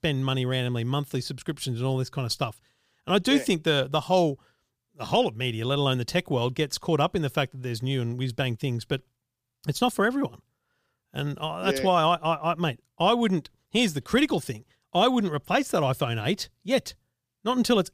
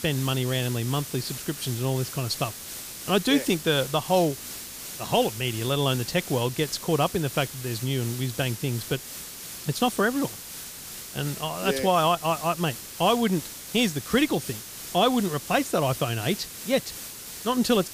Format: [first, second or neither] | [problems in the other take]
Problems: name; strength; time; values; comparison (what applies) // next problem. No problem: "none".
first | hiss; loud; throughout; 10 dB below the speech